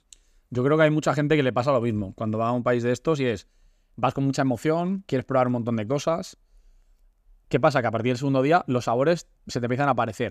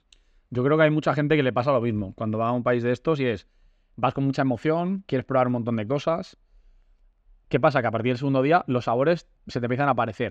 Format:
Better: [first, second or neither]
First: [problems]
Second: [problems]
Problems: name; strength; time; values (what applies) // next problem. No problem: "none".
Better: first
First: none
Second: muffled; very slightly; fading above 3 kHz